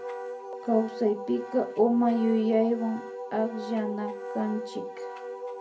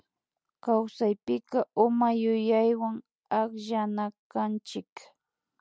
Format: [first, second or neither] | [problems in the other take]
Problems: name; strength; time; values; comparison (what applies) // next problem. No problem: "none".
second | background sound (Wind instrument, woodwind instrument); 9 dB below the speech // room echo; dies away in 0.3 s